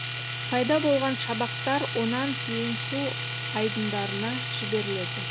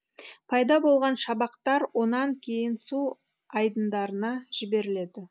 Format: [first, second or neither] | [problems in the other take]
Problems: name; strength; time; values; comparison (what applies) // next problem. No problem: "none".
second | background sound (Domestic sounds, home sounds); 3 dB below the speech